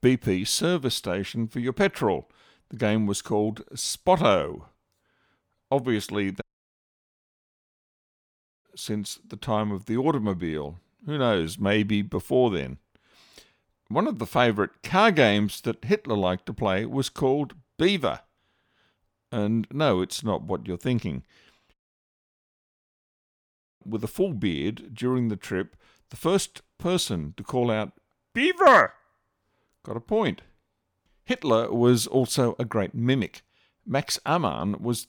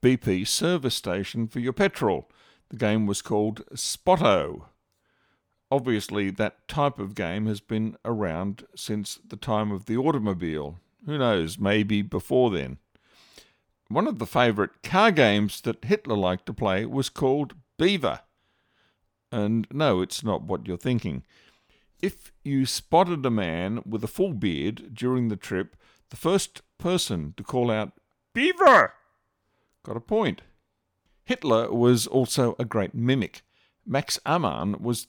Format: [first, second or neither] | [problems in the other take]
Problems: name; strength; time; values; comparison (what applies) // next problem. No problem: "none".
second | audio cutting out; at 6.5 s for 2 s and at 22 s for 2 s